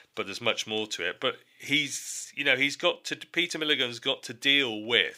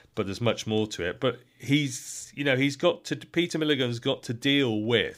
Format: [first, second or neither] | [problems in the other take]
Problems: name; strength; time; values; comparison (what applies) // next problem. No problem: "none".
second | thin; somewhat; fading below 800 Hz